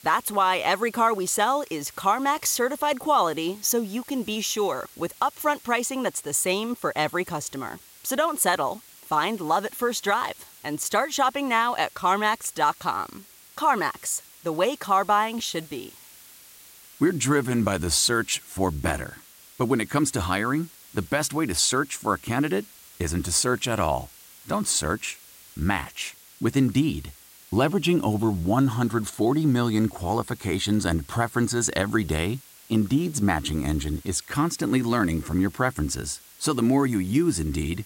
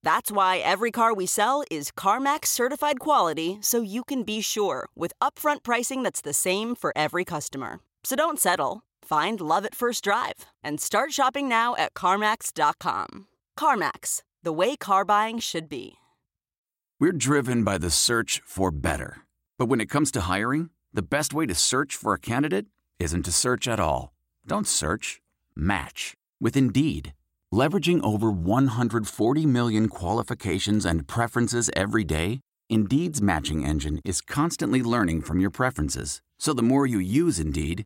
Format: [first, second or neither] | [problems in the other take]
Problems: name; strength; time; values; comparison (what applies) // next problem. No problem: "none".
second | hiss; faint; throughout; 20 dB below the speech